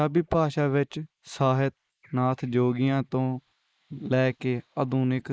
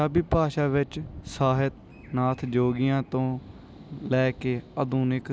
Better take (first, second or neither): second